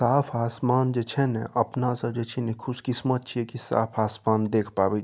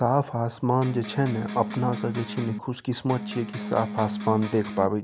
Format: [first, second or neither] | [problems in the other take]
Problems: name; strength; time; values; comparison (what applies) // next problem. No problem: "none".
first | background sound (Electric guitar); 8 dB below the speech